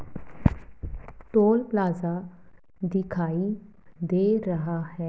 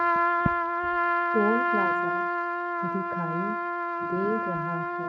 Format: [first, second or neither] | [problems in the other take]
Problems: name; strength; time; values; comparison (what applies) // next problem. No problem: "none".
first | noise reduction (neural mask model RNNoise)